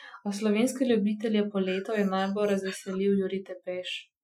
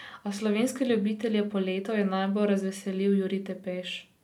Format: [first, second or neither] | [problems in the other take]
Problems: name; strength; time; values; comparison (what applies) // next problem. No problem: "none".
second | noise reduction (classical method Wiener filter)